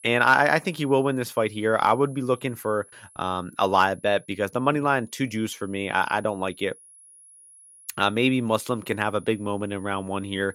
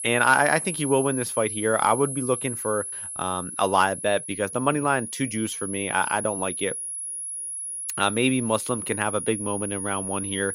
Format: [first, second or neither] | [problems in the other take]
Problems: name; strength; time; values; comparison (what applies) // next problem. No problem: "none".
first | high-pitched whine; loud; throughout; 10.5 kHz, 6 dB below the speech; faint in the first